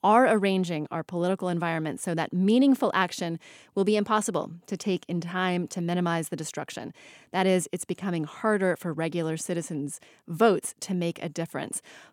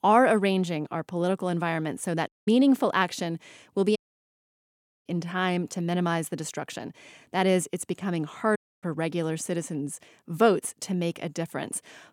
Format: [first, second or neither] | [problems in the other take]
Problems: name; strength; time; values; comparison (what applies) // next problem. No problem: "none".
first | audio cutting out; at 2.5 s, at 4 s for 1 s and at 8.5 s